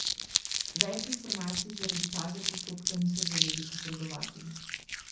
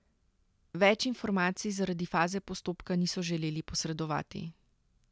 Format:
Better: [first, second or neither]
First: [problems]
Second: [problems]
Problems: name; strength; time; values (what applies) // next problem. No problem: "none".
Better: second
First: background sound (Crumpling, crinkling); 4 dB above the speech // room echo; dies away in 0.6 s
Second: none